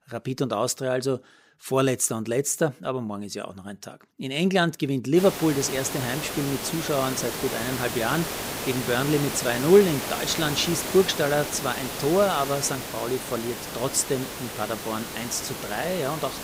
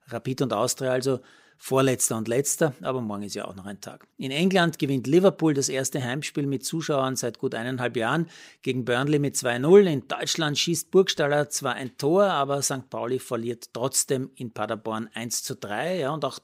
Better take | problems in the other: second | hiss; loud; from 5 s on; 6 dB below the speech

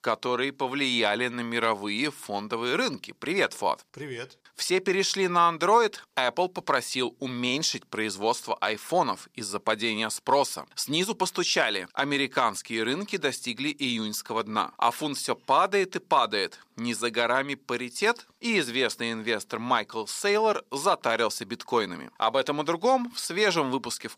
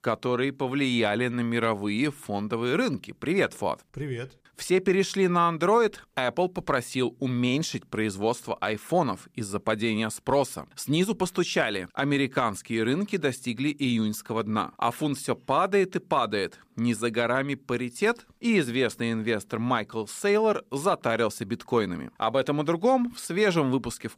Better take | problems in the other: second | thin; very slightly; fading below 500 Hz

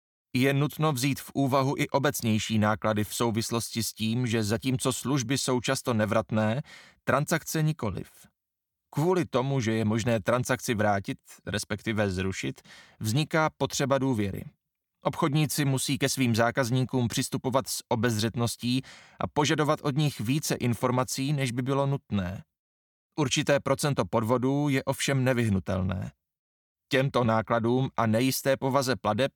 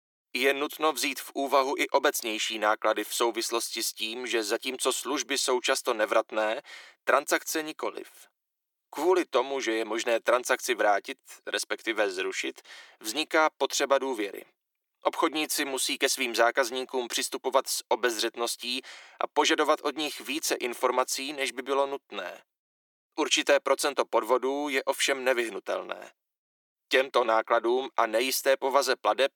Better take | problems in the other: first | thin; very; fading below 350 Hz

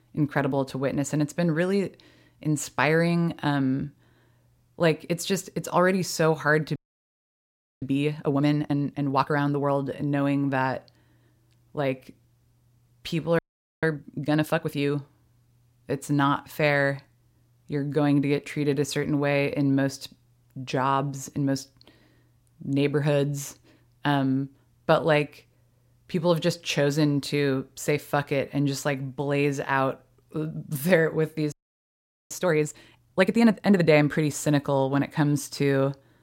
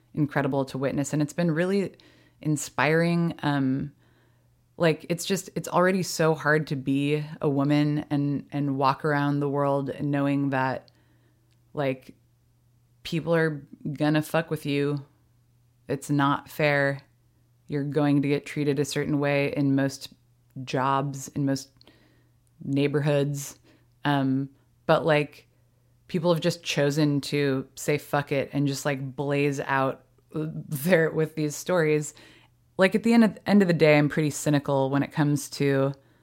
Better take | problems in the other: second | audio freezing; at 7 s for 1 s, at 13 s and at 32 s for 1 s

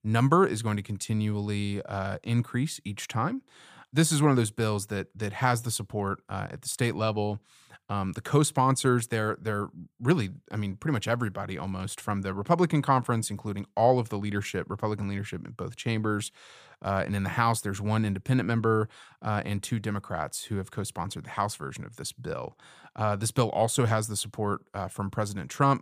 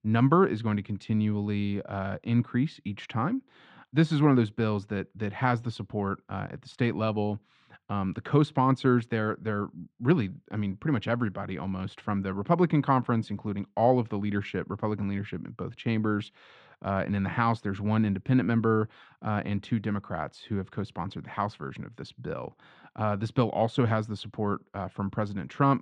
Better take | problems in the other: first | muffled; slightly; fading above 3.5 kHz

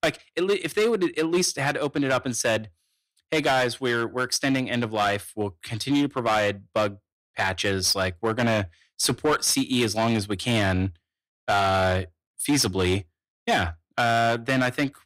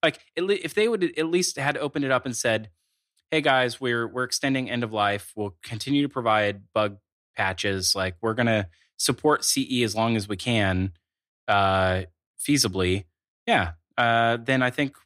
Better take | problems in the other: second | distortion; slight; 8% of the sound clipped

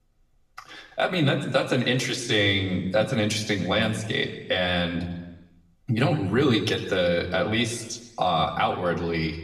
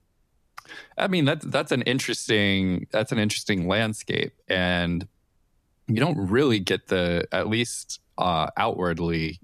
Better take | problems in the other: second | room echo; slight; dies away in 1 s // off-mic speech; somewhat distant

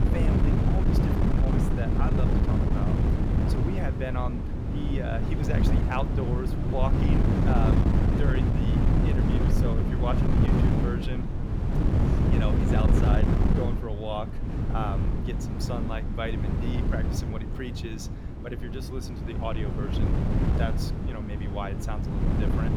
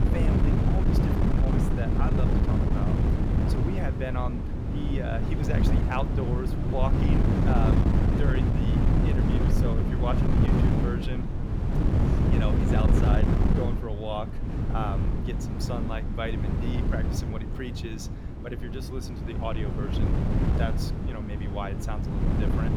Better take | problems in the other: neither | wind noise on the microphone; heavy; 2 dB above the speech; the same in both

